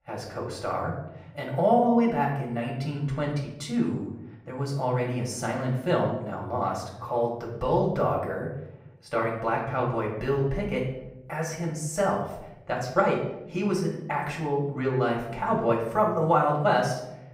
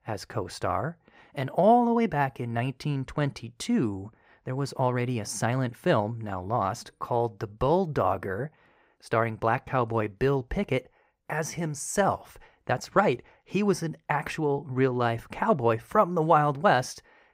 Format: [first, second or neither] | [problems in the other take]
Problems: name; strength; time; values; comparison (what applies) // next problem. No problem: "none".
second | room echo; slight; dies away in 0.7 s // off-mic speech; far